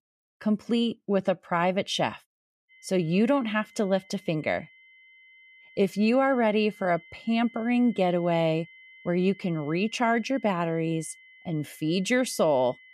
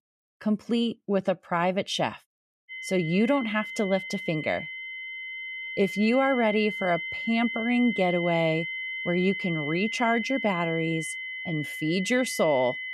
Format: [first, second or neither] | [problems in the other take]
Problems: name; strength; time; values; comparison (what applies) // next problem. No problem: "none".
first | high-pitched whine; loud; from 2.5 s on; 2 kHz, 6 dB below the speech; faint in the first